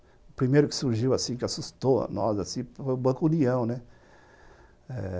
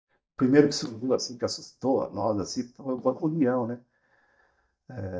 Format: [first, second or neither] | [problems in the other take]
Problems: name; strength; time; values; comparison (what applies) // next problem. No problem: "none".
first | noise reduction (neural mask model DeepFilterNet 3)